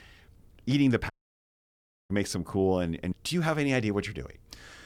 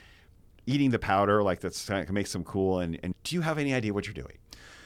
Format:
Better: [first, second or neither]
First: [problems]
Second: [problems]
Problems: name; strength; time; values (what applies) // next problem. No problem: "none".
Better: second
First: audio cutting out; at 1 s for 1 s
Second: none